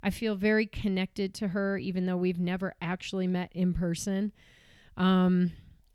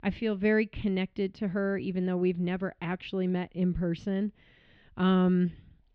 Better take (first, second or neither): first